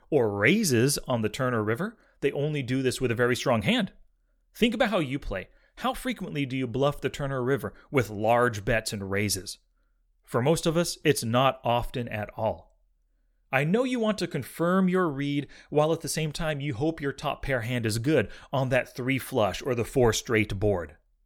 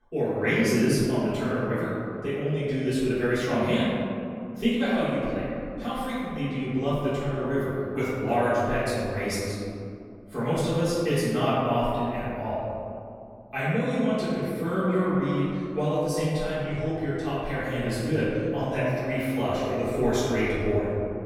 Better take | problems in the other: first | room echo; strong; dies away in 2.5 s // off-mic speech; far

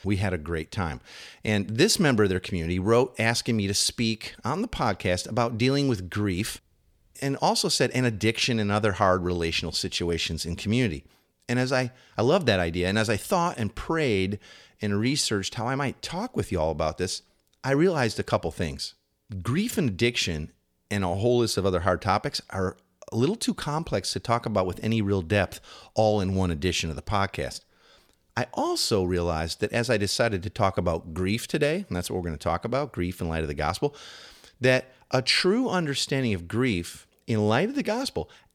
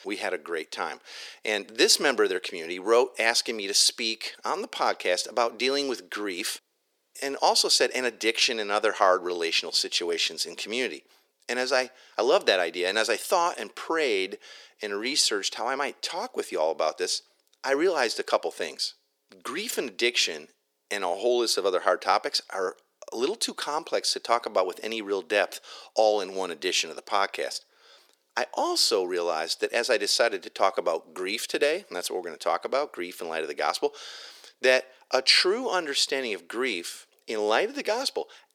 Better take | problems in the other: first | thin; very; fading below 350 Hz

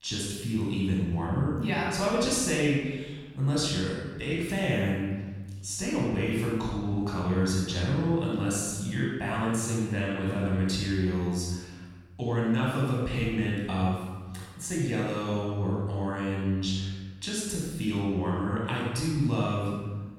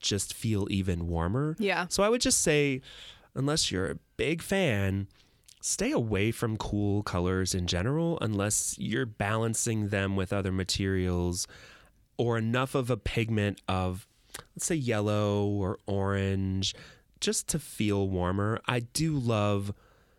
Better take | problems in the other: second | off-mic speech; far // room echo; strong; dies away in 1.2 s

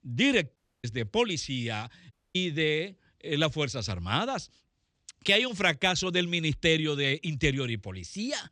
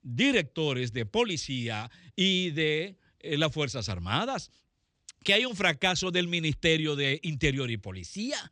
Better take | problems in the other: second | audio cutting out; at 0.5 s and at 2 s

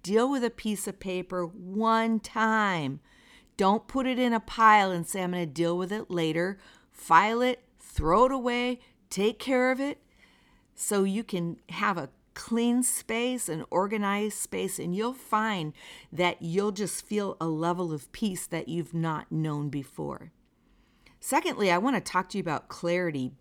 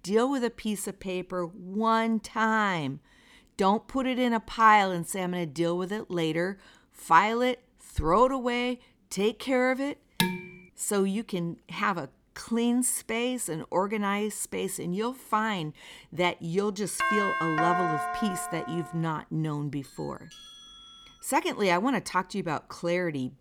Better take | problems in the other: first | clattering dishes; noticeable; at 10 s; peak level with the speech // doorbell; loud; from 17 to 19 s; peak 2 dB above the speech // doorbell; faint; from 20 to 21 s; peak 20 dB below the speech

